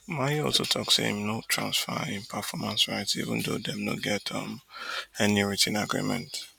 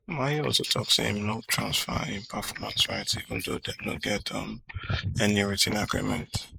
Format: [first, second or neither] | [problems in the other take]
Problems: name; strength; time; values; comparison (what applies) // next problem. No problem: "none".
first | noise reduction (neural mask model Resemble Enhance denoiser)